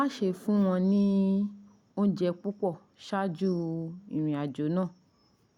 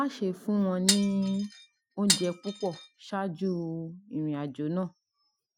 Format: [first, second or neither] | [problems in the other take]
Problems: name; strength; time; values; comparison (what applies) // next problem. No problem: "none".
first | noise reduction (classical method Wiener filter)